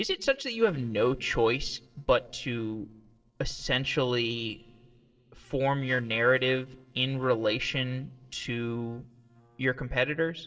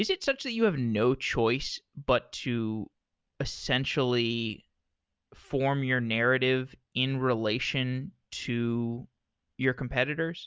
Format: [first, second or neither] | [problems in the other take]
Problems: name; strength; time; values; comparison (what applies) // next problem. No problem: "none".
second | noise reduction (neural separator model SepFormer DNS4)